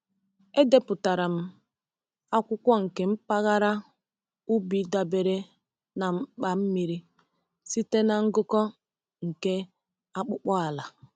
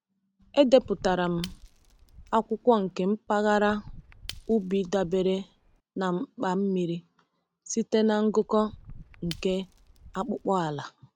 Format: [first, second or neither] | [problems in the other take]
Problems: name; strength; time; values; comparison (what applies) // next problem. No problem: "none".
first | background sound (Shatter / Crushing); 20 dB below the speech